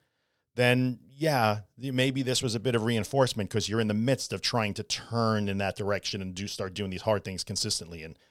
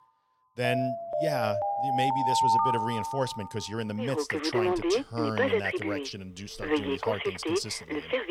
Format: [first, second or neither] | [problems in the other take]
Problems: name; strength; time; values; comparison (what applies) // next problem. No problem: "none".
first | alarms or sirens; very loud; throughout; 5 dB above the speech